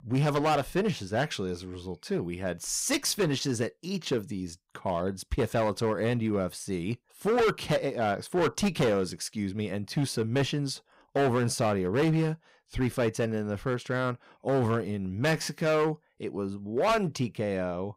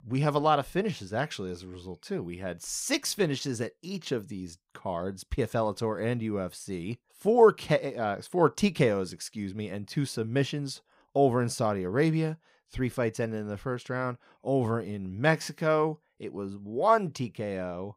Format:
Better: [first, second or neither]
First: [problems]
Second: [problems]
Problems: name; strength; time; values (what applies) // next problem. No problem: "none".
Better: second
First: distortion; heavy; 8% of the sound clipped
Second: none